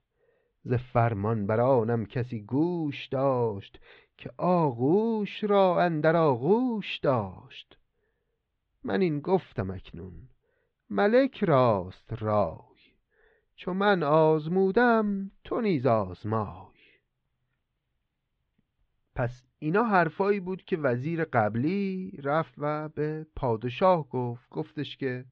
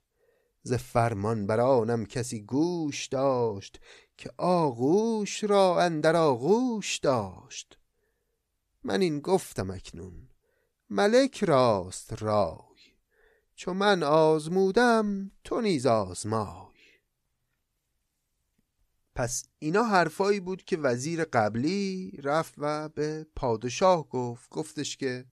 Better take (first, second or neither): second